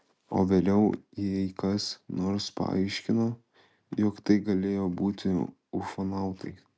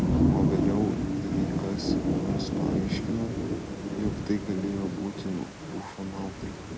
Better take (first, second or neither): first